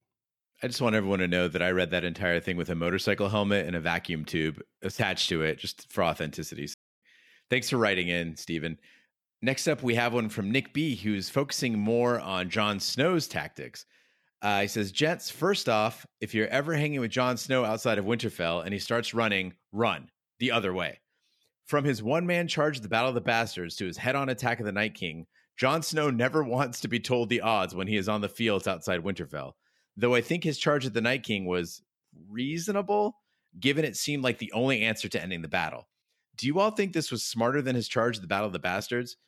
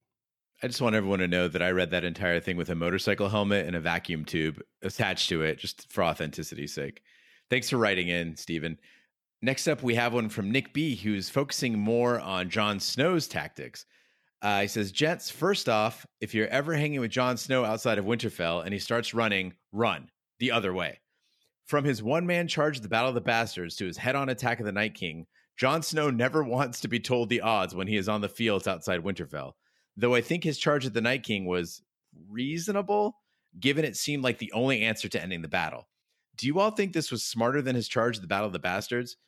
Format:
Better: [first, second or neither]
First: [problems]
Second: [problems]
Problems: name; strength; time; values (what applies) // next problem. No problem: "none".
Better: second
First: audio cutting out; at 6.5 s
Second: none